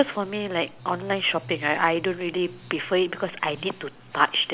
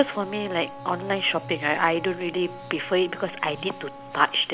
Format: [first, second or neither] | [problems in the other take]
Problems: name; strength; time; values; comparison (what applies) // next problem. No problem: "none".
first | background sound (Wind instrument, woodwind instrument); 15 dB below the speech